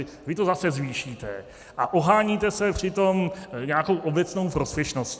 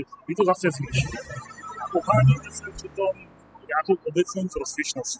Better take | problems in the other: first | noise reduction (classical method spectral subtraction)

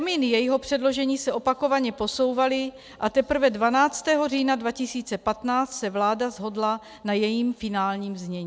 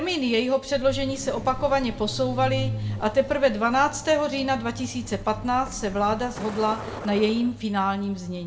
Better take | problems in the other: first | background sound (Truck); 10 dB below the speech // room echo; dies away in 0.5 s

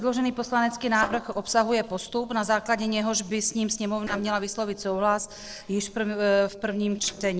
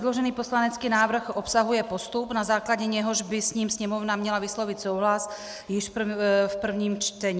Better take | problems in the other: second | noise reduction (neural separator model SepFormer DNS4)

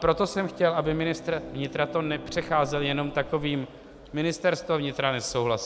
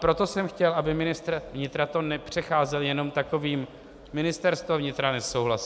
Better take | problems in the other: second | background sound (Bowed string instrument + Water / Splash, splatter); 17 dB below the speech

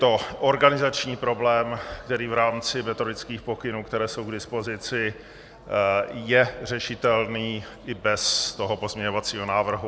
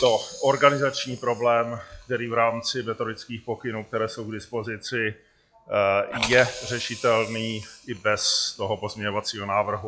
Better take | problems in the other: first | noise reduction (classical method log-MMSE)

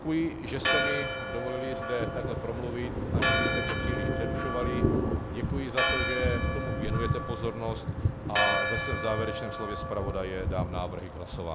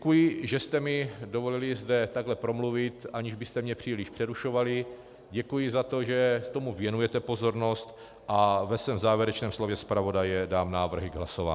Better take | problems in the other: second | background sound (Thunder + Church bell); 4 dB above the speech

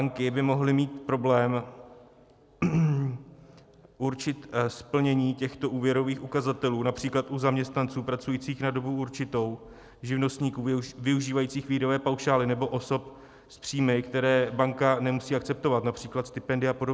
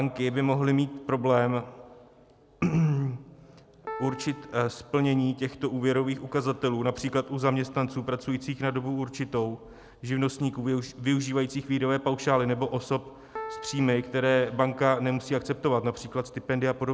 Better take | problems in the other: first | background sound (Piano); 16 dB below the speech

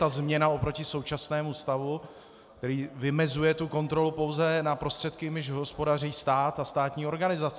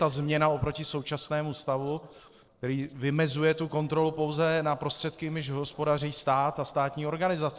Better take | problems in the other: first | noise reduction (neural separator model SepFormer DNS4)

